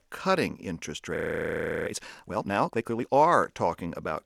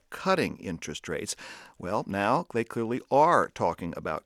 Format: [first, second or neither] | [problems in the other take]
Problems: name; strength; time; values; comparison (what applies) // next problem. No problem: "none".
second | audio freezing; at 1 s for 0.5 s